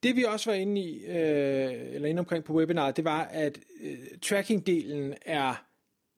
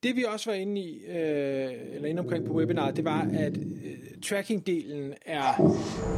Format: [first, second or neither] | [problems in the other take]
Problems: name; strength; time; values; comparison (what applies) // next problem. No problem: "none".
first | animal sounds; very loud; from 2.5 s on; 2 dB above the speech